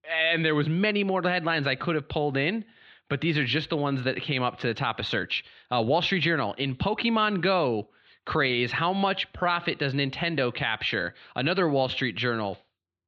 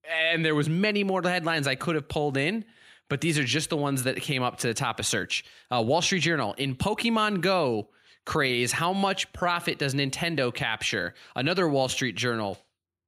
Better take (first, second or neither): second